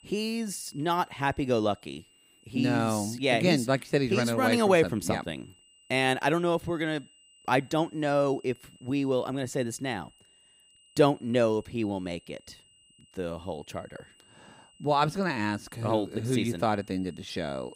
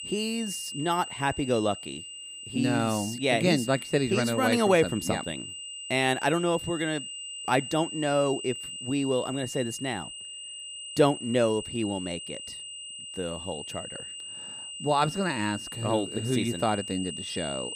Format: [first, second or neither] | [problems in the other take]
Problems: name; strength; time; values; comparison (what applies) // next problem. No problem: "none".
first | high-pitched whine; loud; throughout; 3 kHz, 9 dB below the speech; faint in the first